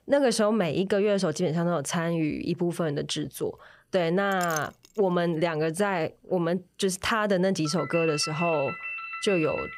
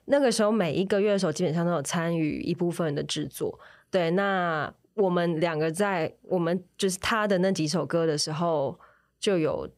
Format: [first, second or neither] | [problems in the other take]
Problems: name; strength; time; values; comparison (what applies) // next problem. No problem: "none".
second | clattering dishes; faint; at 4.5 s; peak 10 dB below the speech // phone ringing; noticeable; from 7.5 s on; peak 6 dB below the speech